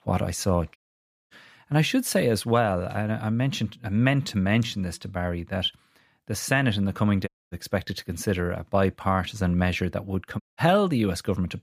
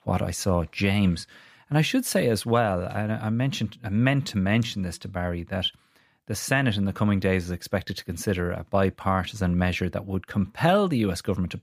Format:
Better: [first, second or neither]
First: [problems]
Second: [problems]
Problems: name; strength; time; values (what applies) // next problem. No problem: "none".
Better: second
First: audio cutting out; at 1 s for 0.5 s, at 7.5 s and at 10 s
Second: none